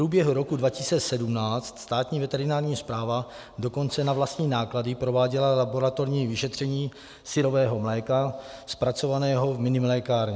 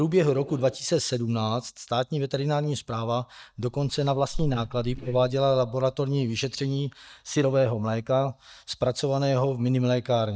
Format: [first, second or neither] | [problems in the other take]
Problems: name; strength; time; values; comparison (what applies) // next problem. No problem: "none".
first | noise reduction (neural mask model DeepFilterNet 3)